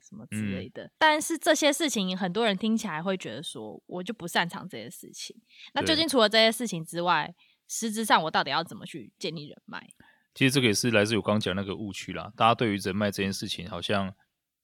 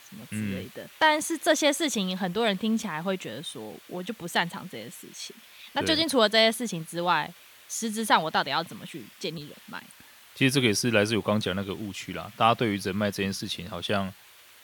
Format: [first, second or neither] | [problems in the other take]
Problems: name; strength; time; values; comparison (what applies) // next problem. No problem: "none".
first | hiss; faint; throughout; 25 dB below the speech